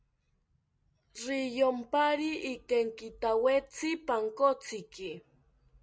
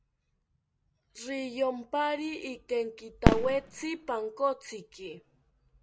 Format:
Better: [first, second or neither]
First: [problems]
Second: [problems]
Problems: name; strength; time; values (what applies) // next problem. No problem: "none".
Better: first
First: none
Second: background sound (Fireworks); 4 dB above the speech